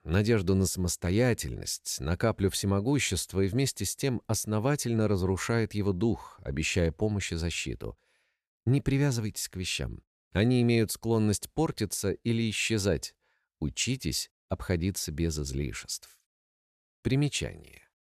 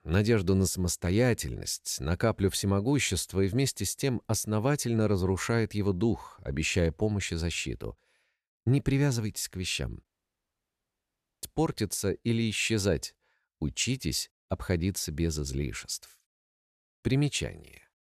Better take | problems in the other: first | audio cutting out; at 10 s for 1.5 s

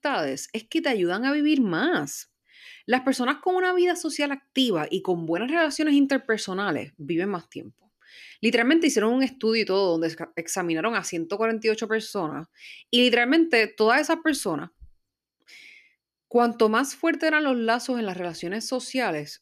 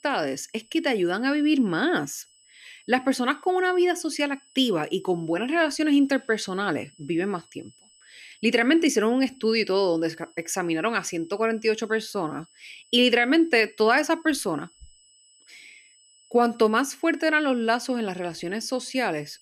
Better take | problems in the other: first | high-pitched whine; faint; throughout; 8 kHz, 30 dB below the speech

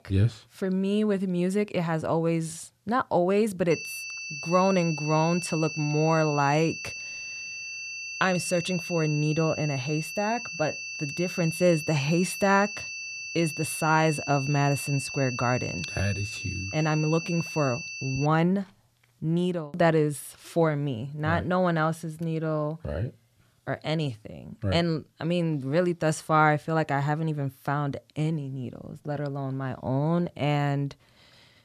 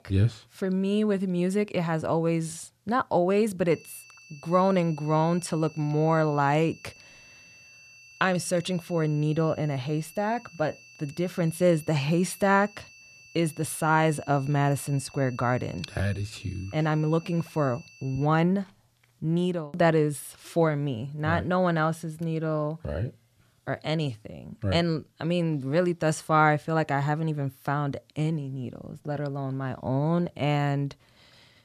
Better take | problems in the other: second | high-pitched whine; loud; from 3.5 to 18 s; 2.5 kHz, 7 dB below the speech; faint in the second

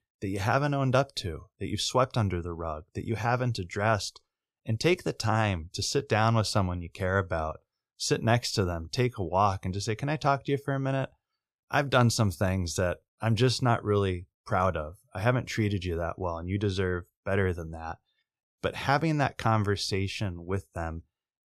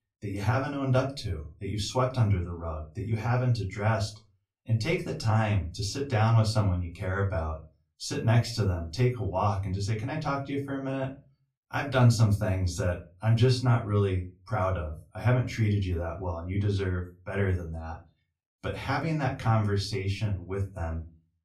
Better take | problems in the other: first | off-mic speech; far // room echo; very slight; dies away in 0.3 s

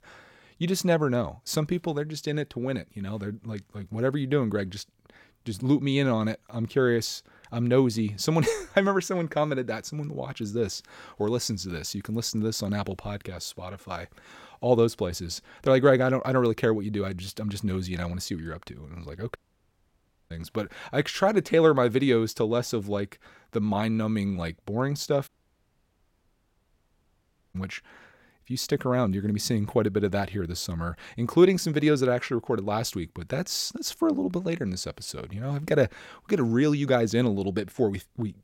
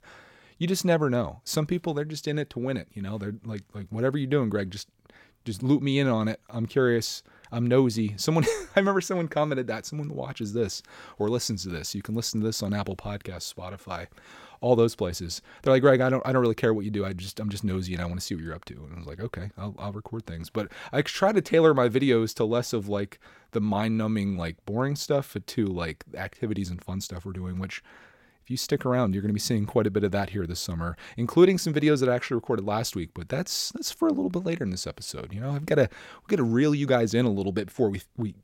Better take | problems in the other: second | audio cutting out; at 19 s for 1 s and at 25 s for 2.5 s

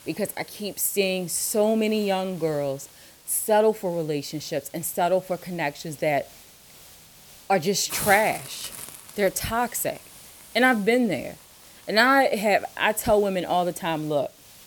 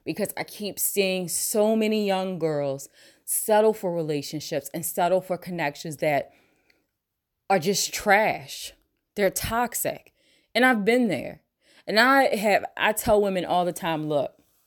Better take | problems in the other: second | hiss; noticeable; throughout; 15 dB below the speech

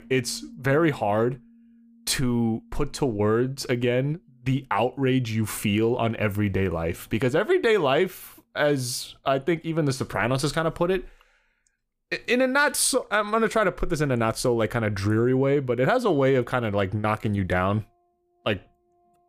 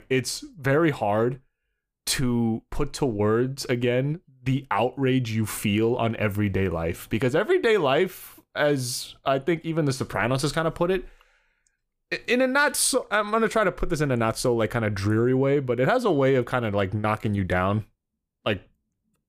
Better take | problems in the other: second | background music; faint; throughout; 30 dB below the speech

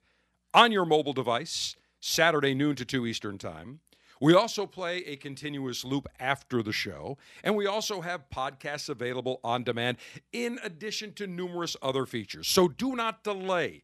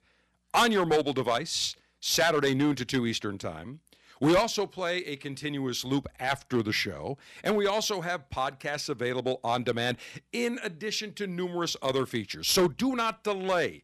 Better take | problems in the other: first | distortion; heavy; 3% of the sound clipped

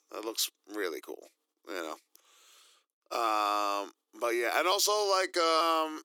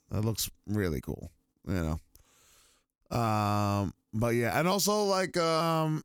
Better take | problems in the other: second | thin; very; fading below 350 Hz

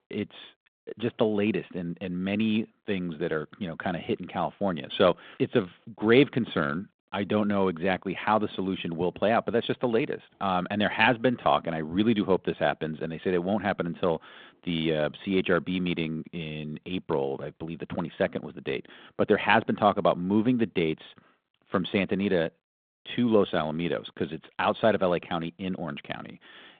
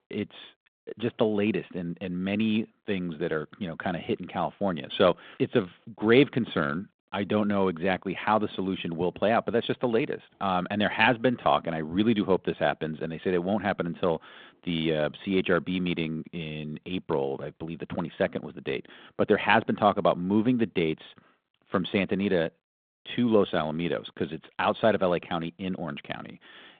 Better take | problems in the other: neither | phone-call audio; nothing above 3.5 kHz; the same in both

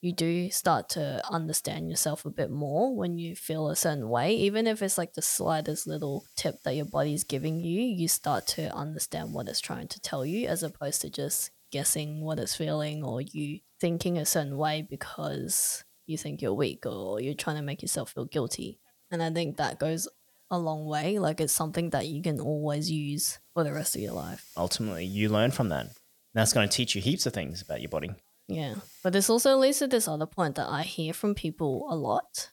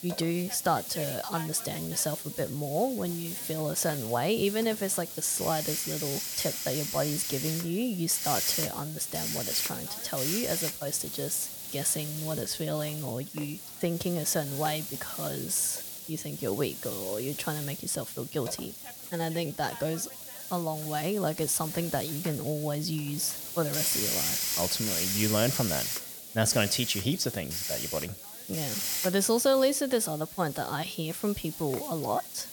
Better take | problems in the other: first | hiss; loud; throughout; 3 dB below the speech; faint in the first

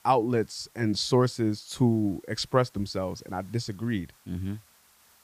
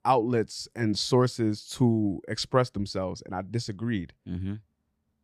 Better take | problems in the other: second | hiss; faint; throughout; 30 dB below the speech

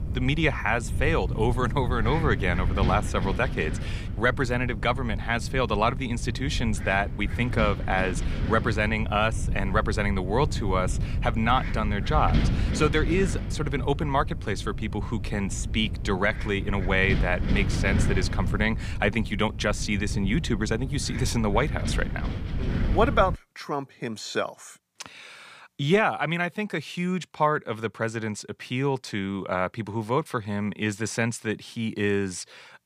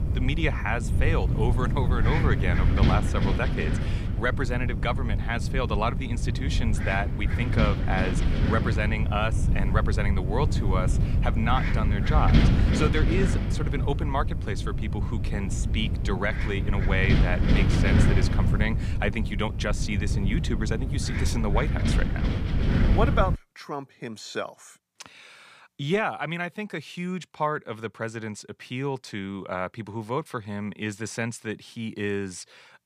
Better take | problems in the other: first | wind noise on the microphone; heavy; until 23 s; 5 dB below the speech; occasional gusts in the first

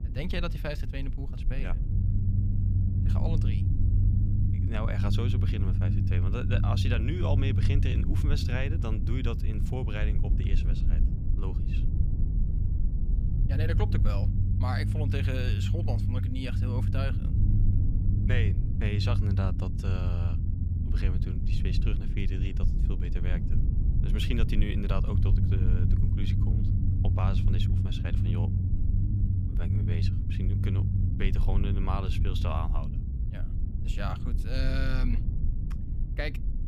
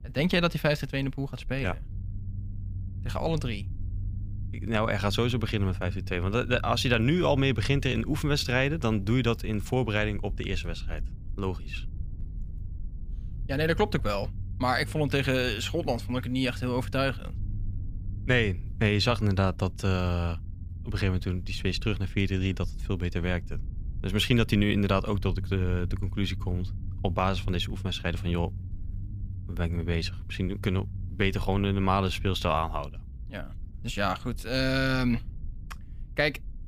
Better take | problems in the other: second | low rumble; loud; throughout; 4 dB below the speech; faint in the second

